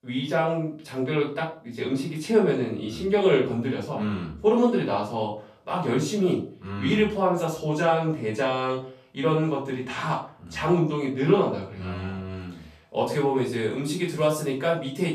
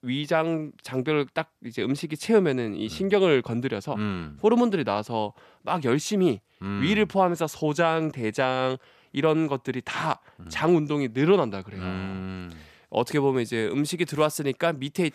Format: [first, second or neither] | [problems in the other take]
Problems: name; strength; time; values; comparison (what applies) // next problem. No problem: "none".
second | off-mic speech; far // room echo; slight; dies away in 0.3 s